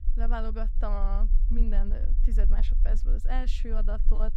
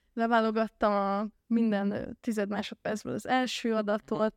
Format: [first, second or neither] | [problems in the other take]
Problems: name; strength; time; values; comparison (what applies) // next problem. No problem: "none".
second | low rumble; noticeable; throughout; 15 dB below the speech